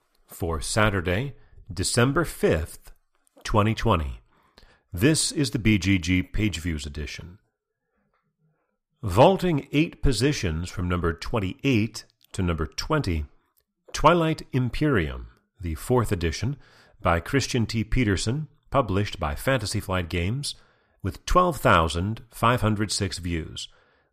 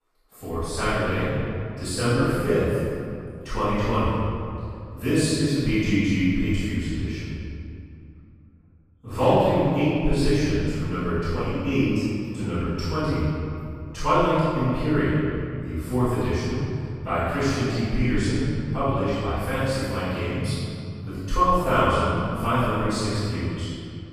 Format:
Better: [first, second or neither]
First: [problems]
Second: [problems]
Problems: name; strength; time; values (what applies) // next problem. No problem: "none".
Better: first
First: none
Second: off-mic speech; far // room echo; strong; dies away in 2.4 s